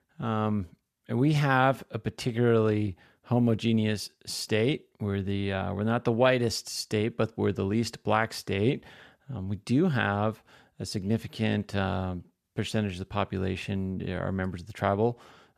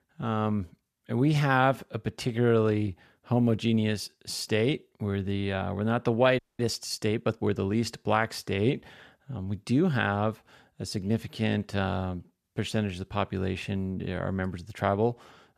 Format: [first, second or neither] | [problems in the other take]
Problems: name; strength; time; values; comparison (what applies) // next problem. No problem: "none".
first | audio freezing; at 6.5 s